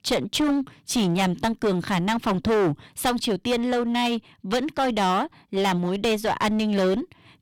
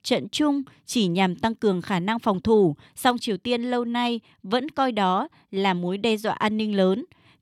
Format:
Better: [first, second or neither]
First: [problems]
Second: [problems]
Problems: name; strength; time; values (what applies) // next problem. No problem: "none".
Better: second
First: distortion; heavy; 19% of the sound clipped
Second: none